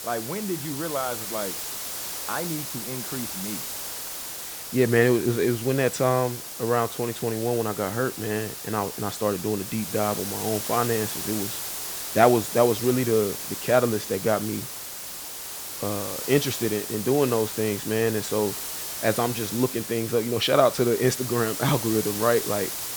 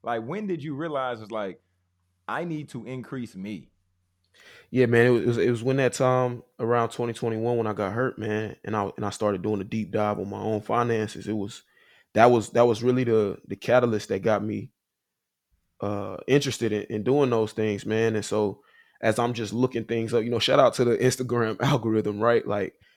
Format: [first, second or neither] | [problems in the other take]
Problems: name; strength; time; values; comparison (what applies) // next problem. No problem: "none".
second | hiss; loud; throughout; 6 dB below the speech